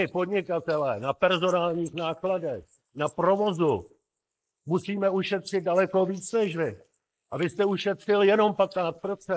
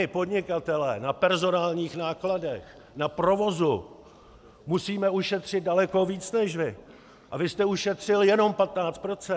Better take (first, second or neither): second